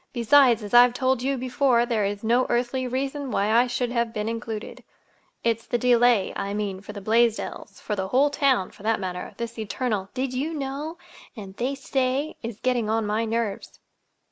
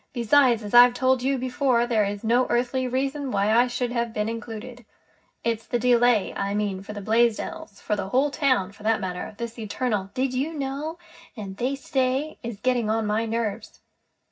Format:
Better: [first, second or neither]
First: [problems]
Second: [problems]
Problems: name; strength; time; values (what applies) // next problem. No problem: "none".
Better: first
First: none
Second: room echo; dies away in 0.4 s